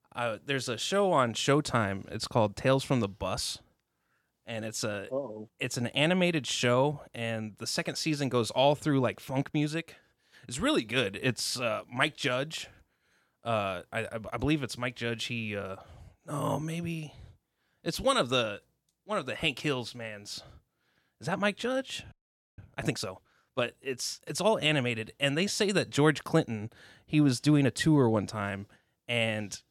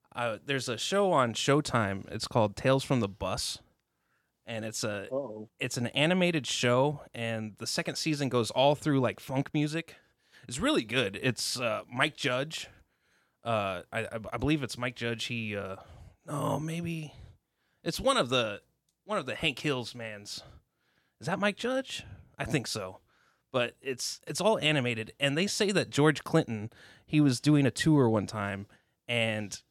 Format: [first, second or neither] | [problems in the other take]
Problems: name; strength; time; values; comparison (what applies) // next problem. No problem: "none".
second | audio freezing; at 22 s